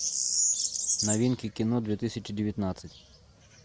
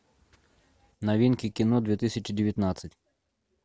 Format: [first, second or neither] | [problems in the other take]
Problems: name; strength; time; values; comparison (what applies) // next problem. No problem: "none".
second | background sound (Bird vocalization, bird call, bird song); 1 dB below the speech